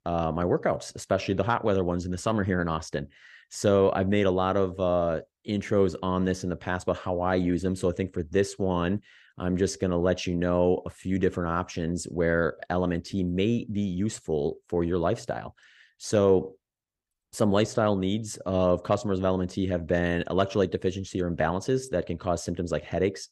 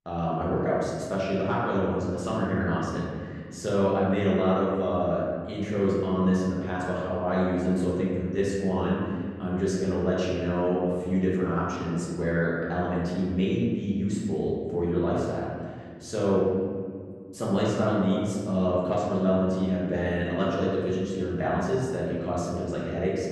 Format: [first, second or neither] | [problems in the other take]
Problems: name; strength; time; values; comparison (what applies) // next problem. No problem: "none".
first | room echo; noticeable; dies away in 2 s // off-mic speech; far